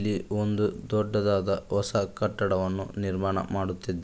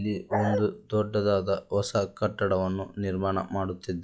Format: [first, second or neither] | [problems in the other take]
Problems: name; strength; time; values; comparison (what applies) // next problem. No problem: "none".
first | noise reduction (classical method log-MMSE)